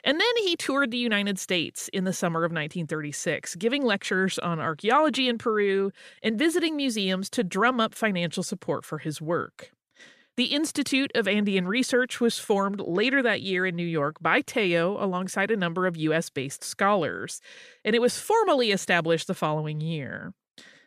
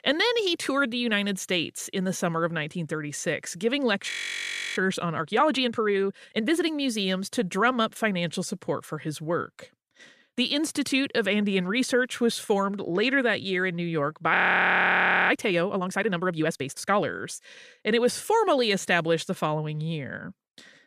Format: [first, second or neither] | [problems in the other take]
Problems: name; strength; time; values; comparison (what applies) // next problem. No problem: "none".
first | audio freezing; at 4 s for 0.5 s and at 14 s for 1 s